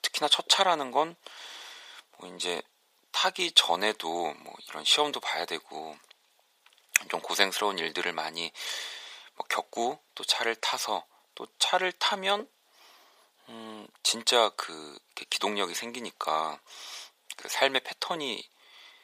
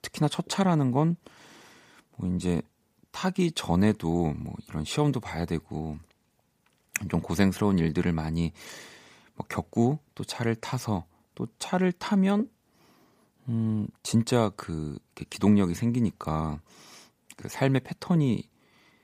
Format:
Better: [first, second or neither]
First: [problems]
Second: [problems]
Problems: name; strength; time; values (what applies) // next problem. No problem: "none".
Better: second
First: thin; very; fading below 550 Hz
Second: none